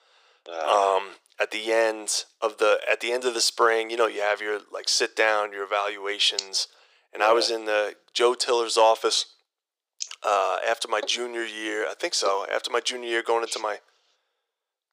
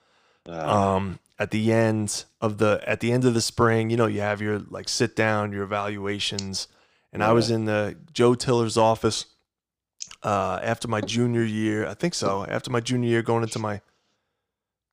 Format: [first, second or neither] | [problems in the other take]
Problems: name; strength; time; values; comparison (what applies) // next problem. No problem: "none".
second | thin; very; fading below 400 Hz